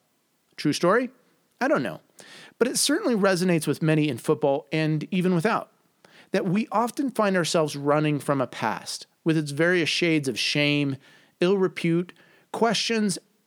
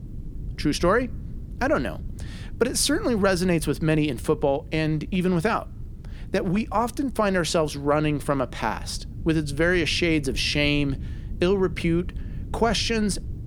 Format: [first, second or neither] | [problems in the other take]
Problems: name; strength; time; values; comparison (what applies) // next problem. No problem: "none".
first | wind noise on the microphone; occasional gusts; 25 dB below the speech